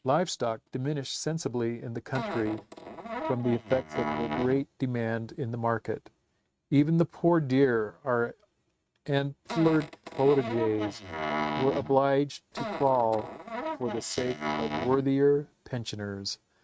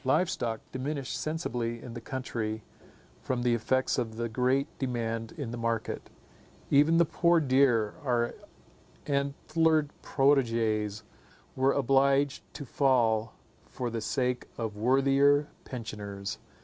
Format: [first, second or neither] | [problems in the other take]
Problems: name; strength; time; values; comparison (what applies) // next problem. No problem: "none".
second | noise reduction (neural mask model RNNoise)